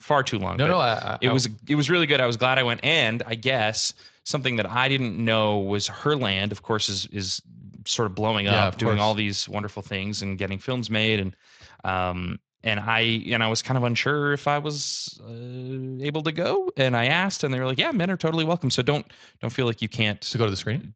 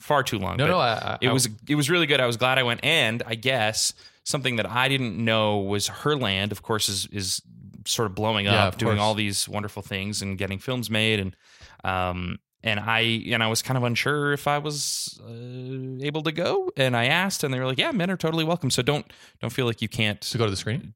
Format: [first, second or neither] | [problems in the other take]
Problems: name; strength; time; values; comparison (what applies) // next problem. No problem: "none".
second | garbled, watery; slightly; nothing above 7.5 kHz